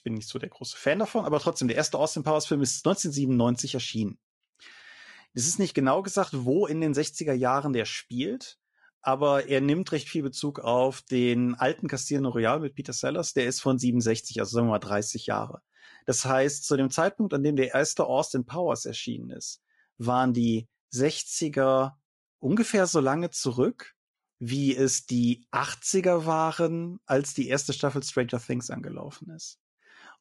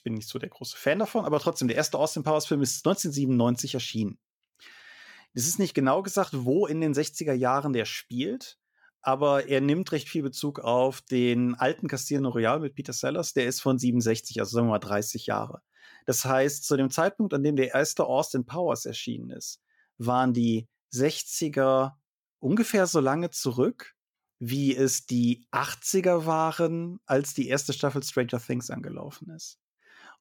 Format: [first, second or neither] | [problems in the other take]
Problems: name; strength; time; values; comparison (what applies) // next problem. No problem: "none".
second | garbled, watery; slightly; nothing above 11 kHz